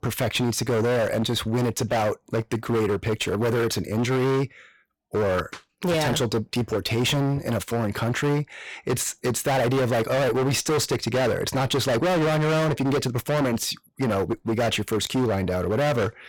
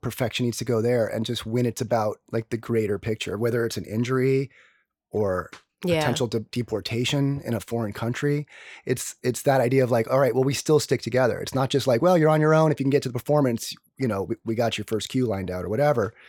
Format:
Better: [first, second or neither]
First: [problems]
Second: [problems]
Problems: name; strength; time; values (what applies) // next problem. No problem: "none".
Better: second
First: distortion; heavy; 28% of the sound clipped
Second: none